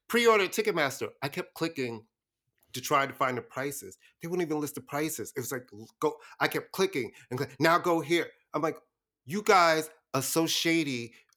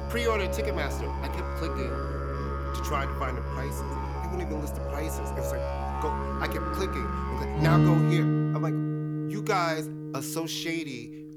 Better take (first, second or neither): first